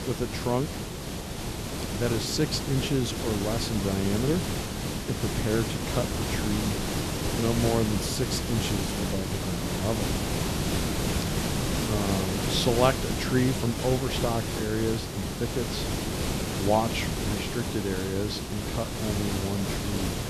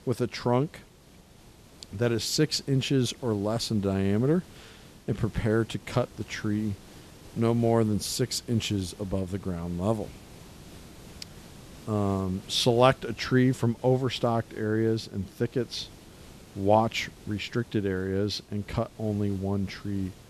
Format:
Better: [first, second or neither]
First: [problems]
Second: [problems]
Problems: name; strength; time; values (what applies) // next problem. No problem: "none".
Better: second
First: hiss; loud; throughout; as loud as the speech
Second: hiss; faint; throughout; 20 dB below the speech